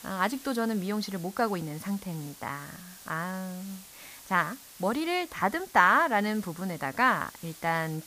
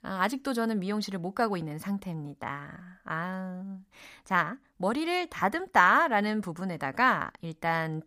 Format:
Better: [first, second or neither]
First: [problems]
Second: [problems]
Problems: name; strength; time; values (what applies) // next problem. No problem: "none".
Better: second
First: hiss; noticeable; throughout; 20 dB below the speech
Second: none